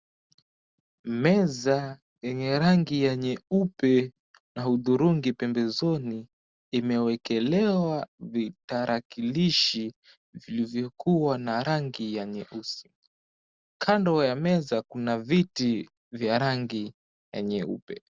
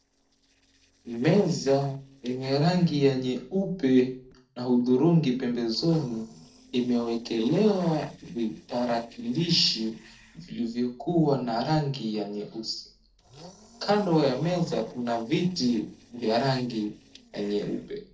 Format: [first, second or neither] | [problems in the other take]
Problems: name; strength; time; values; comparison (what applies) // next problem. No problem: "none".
first | noise reduction (neural separator model SepFormer DNS4)